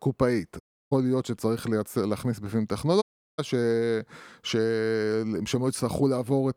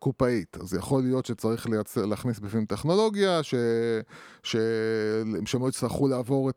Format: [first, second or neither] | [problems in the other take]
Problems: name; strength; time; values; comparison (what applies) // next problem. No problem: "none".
second | audio cutting out; at 0.5 s and at 3 s